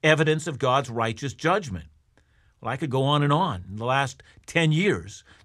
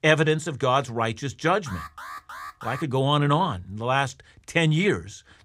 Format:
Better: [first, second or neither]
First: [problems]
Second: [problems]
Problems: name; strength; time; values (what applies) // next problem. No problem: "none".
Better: first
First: none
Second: alarm; faint; from 1.5 to 3 s; peak 15 dB below the speech